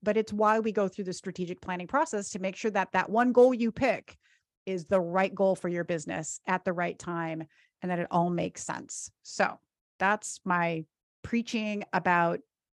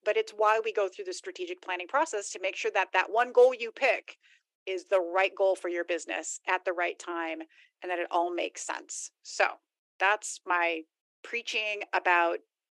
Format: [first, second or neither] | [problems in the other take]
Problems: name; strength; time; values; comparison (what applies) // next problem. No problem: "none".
first | thin; very; fading below 350 Hz